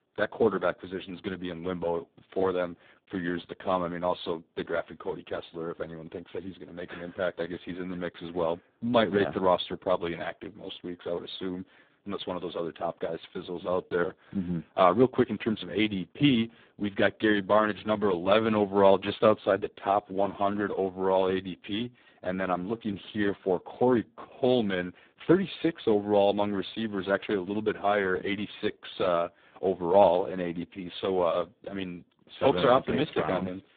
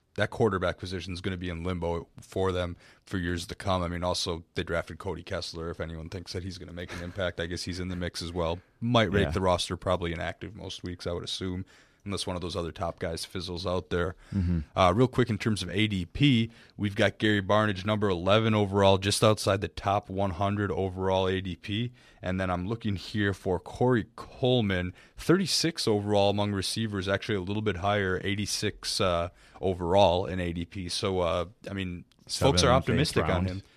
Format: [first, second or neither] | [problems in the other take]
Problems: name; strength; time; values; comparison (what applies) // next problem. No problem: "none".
second | phone-call audio; poor line; nothing above 3.5 kHz